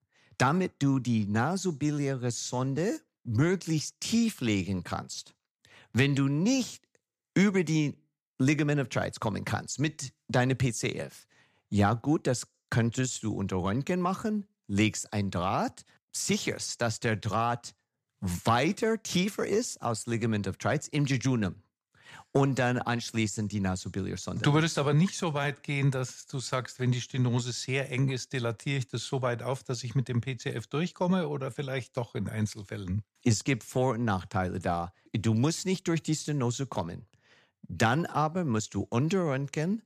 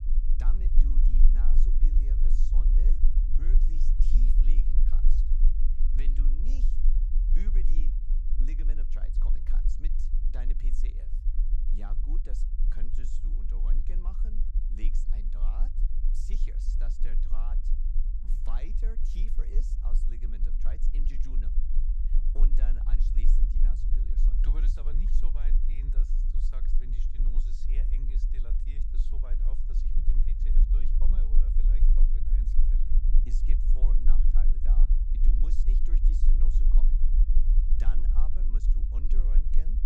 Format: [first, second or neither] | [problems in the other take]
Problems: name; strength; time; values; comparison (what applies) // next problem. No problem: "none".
first | low rumble; loud; throughout; 1 dB below the speech